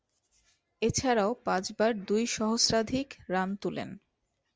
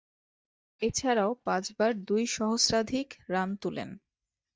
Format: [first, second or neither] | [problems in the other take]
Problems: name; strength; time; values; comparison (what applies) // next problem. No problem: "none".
first | noise reduction (neural mask model DeepFilterNet 3)